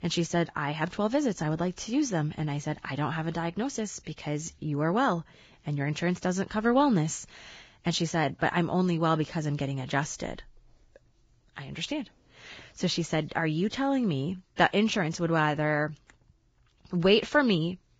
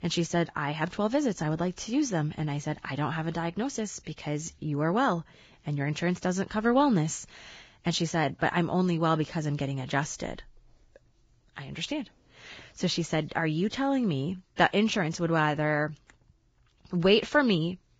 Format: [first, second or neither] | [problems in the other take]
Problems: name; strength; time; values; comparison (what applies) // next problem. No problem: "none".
neither | garbled, watery; badly; nothing above 7.5 kHz; the same in both